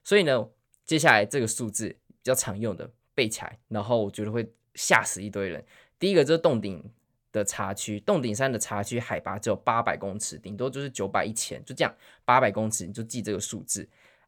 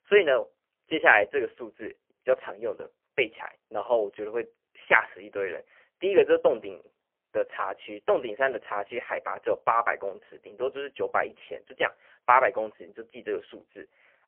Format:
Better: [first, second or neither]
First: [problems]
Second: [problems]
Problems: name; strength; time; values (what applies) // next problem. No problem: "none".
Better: first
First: none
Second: phone-call audio; poor line; nothing above 3 kHz